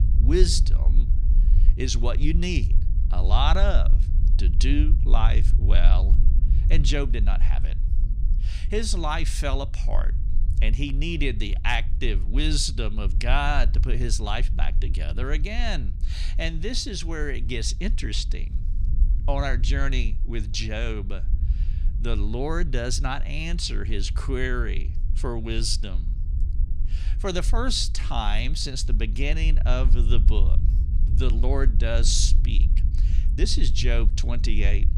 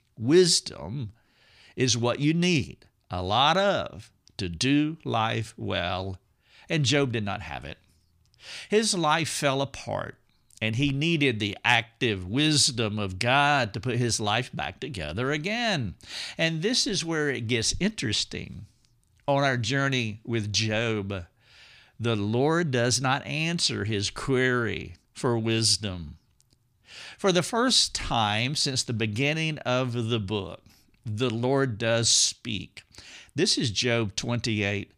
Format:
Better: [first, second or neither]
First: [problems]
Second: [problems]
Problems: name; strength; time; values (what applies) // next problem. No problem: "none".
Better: second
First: low rumble; noticeable; throughout; 15 dB below the speech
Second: none